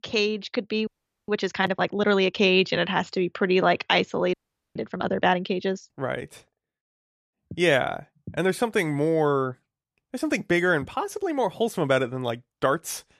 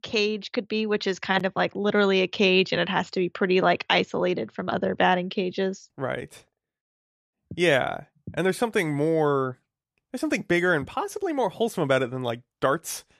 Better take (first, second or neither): second